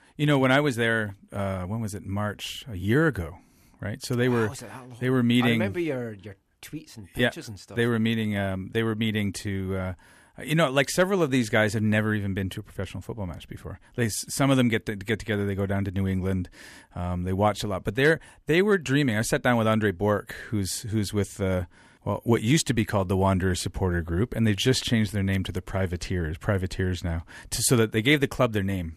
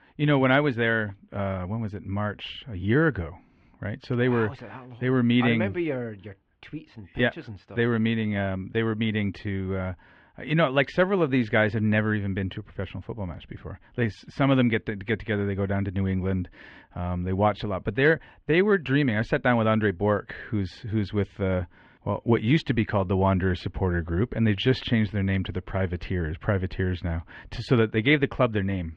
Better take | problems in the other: first | muffled; very; fading above 3 kHz

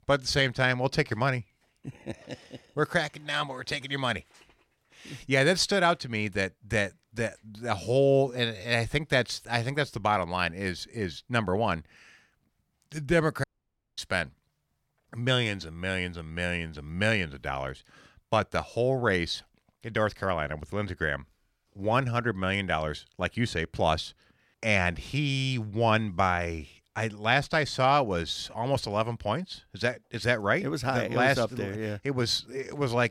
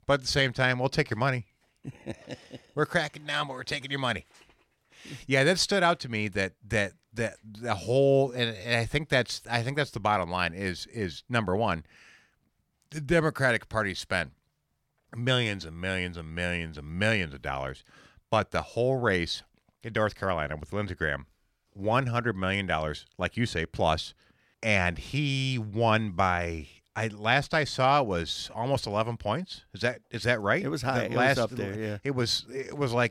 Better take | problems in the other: second | audio cutting out; at 13 s for 0.5 s

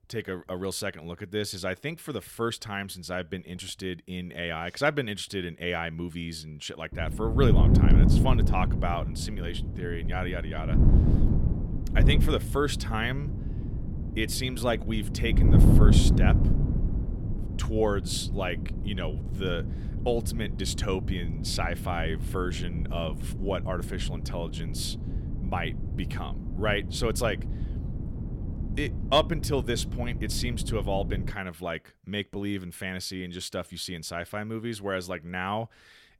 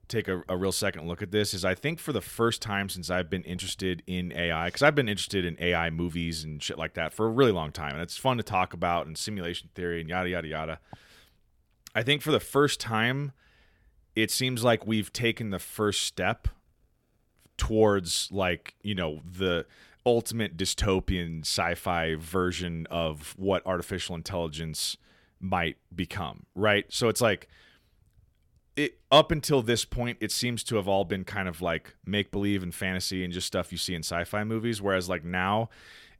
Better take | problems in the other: second | wind noise on the microphone; heavy; from 7 to 31 s; 7 dB below the speech

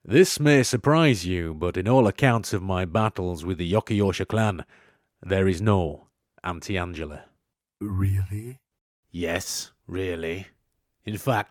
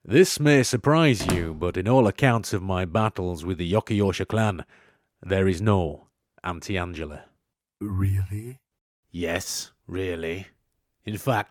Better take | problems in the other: first | door banging; noticeable; at 1 s; peak 5 dB below the speech

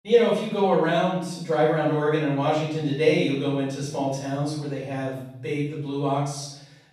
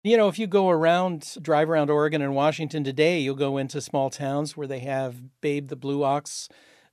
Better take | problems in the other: second | room echo; noticeable; dies away in 0.9 s // off-mic speech; far

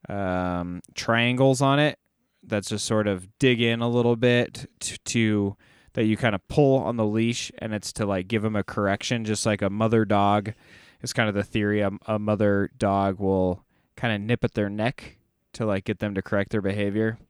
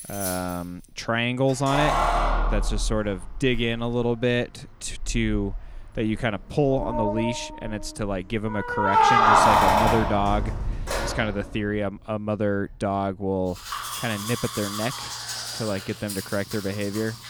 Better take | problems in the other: first | household noises; very loud; throughout; 2 dB above the speech

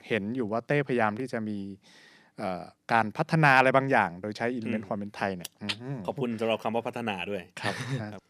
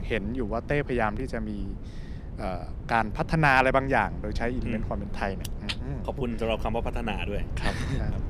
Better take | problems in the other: first | wind noise on the microphone; occasional gusts; 20 dB below the speech

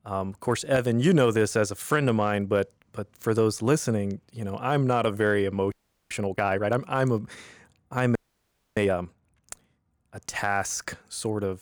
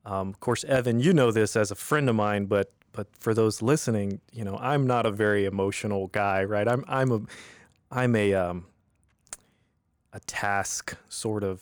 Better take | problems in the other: second | audio freezing; at 5.5 s and at 8 s for 0.5 s

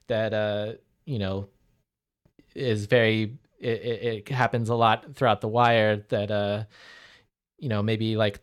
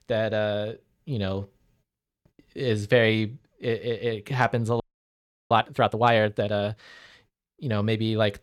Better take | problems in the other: first | audio freezing; at 5 s for 0.5 s

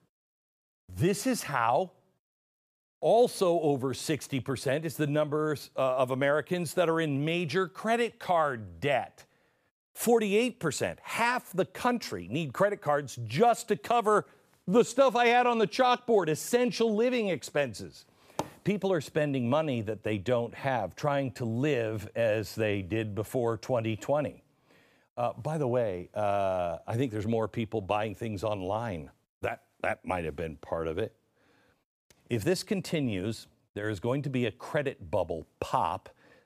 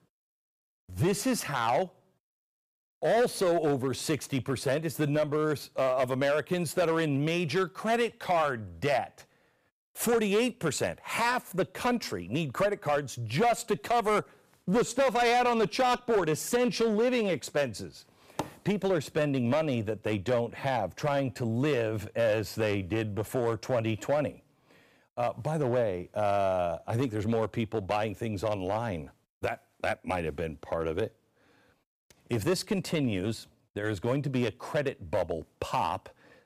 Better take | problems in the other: first | distortion; slight; 6% of the sound clipped

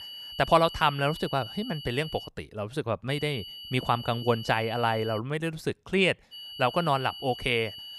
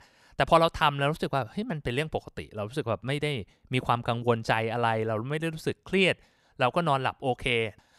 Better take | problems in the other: second | high-pitched whine; noticeable; until 2.5 s, from 3 to 5 s and from 6.5 s on; 3 kHz, 10 dB below the speech

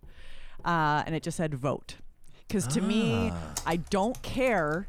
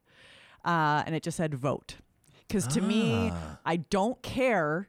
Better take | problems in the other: second | household noises; noticeable; throughout; 15 dB below the speech

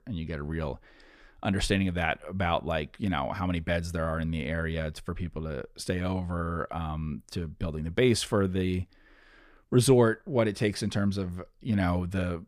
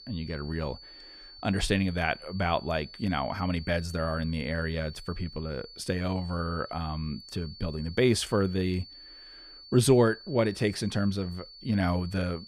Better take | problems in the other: first | high-pitched whine; noticeable; throughout; 4.5 kHz, 15 dB below the speech

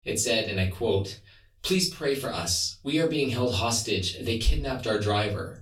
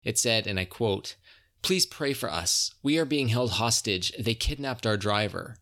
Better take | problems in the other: second | off-mic speech; far // room echo; slight; dies away in 0.3 s

